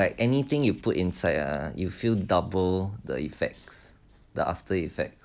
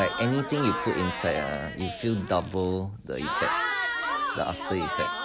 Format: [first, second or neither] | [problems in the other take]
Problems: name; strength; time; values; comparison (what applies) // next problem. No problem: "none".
first | background sound (Crowd / Cheering); 2 dB below the speech